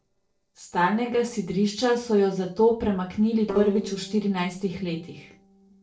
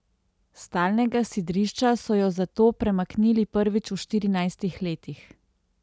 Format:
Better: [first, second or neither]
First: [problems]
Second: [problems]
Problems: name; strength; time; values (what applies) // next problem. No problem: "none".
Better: second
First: noise reduction (neural separator model SepFormer DNS4)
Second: none